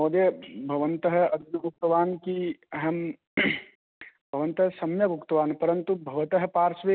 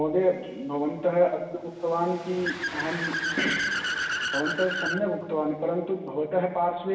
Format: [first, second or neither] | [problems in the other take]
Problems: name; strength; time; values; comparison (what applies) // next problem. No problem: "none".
first | background sound (Accelerating, revving, vroom / Car); 6 dB below the speech // room echo; dies away in 1.2 s